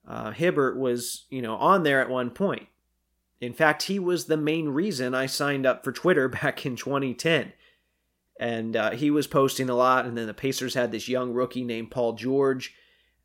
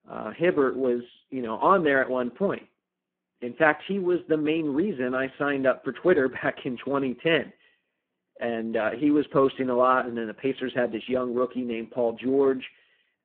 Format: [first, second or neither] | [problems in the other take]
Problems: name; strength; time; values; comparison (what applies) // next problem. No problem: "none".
first | phone-call audio; poor line